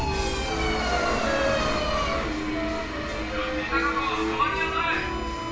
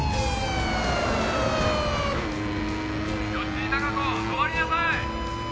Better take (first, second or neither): second